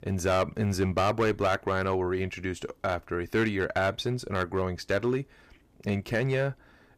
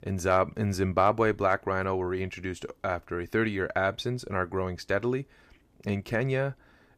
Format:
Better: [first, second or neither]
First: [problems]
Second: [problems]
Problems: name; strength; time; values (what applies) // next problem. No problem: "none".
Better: second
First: distortion; slight; 5% of the sound clipped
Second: none